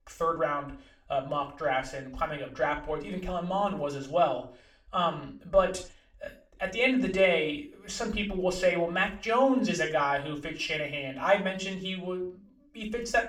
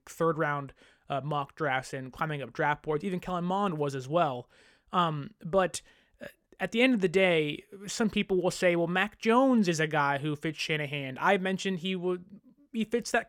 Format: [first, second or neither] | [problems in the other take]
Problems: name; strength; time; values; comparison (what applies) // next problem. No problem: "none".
second | room echo; slight; dies away in 0.3 s // off-mic speech; far